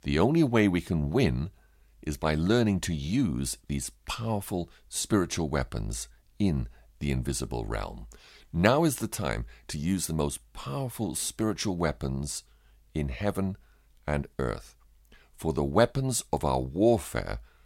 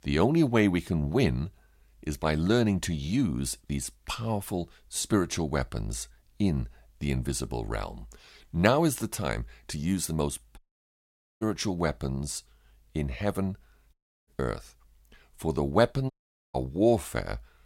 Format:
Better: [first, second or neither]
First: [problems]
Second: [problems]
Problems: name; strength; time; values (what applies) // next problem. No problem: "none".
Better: first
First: none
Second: audio cutting out; at 11 s for 1 s, at 14 s and at 16 s